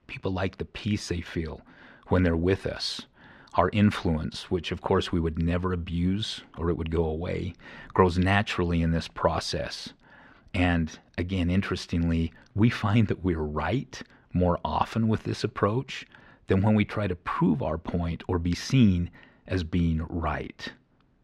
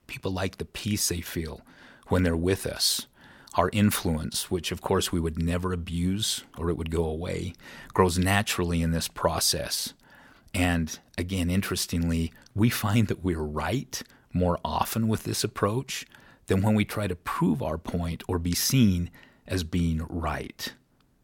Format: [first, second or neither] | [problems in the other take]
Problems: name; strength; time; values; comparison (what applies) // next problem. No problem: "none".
second | muffled; slightly; fading above 3 kHz